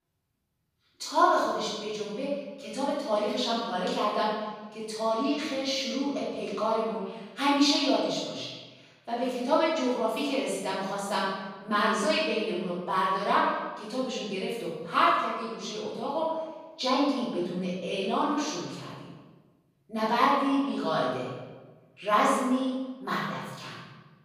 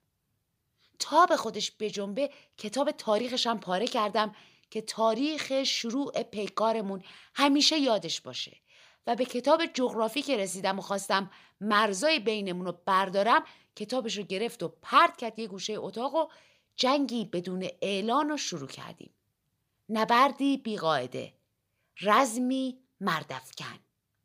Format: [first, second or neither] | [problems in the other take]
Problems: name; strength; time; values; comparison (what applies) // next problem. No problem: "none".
second | room echo; strong; dies away in 1.1 s // off-mic speech; far